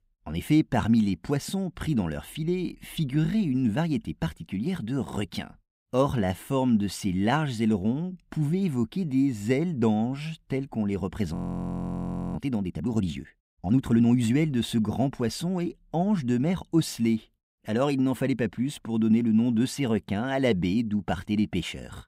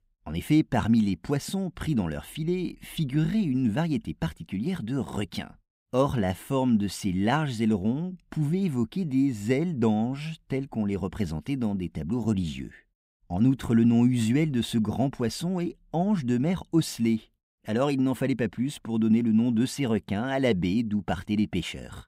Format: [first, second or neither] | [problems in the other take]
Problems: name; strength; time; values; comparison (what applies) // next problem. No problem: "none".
second | audio freezing; at 11 s for 1 s